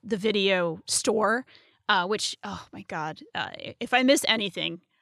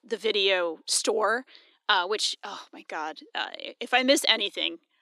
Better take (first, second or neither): first